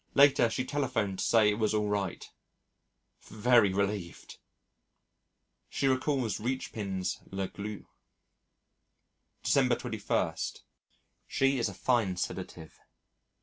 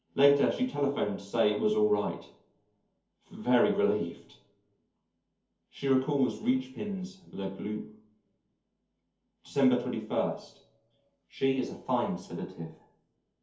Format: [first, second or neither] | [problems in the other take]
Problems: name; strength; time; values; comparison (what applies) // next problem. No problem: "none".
first | room echo; dies away in 0.5 s